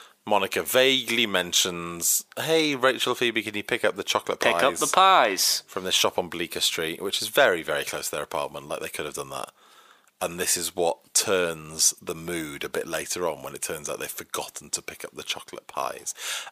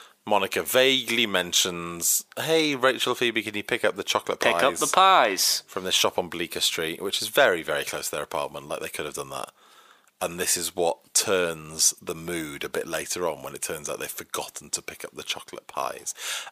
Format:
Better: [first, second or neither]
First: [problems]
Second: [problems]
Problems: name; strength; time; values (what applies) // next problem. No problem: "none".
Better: neither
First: thin; very; fading below 450 Hz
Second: thin; very; fading below 450 Hz